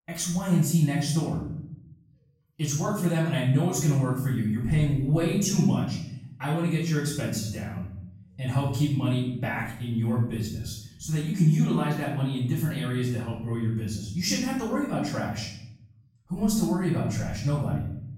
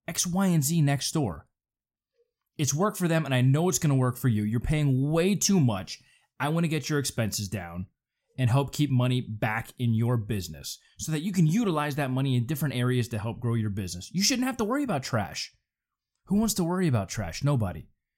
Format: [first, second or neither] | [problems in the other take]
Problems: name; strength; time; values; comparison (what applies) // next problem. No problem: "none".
second | off-mic speech; far // room echo; noticeable; dies away in 0.7 s